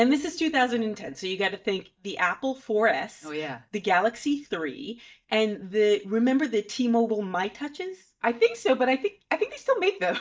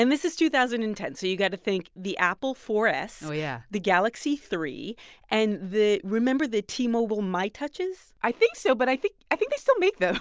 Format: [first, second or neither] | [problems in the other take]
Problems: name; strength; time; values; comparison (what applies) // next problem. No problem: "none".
second | noise reduction (neural mask model DeepFilterNet 3)